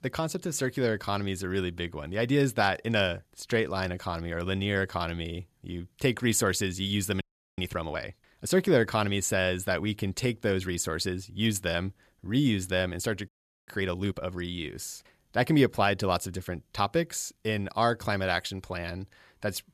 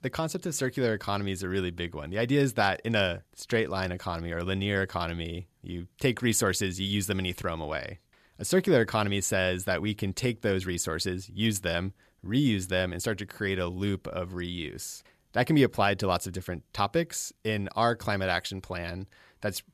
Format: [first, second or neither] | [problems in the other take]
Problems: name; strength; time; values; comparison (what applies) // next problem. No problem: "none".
second | audio freezing; at 7 s and at 13 s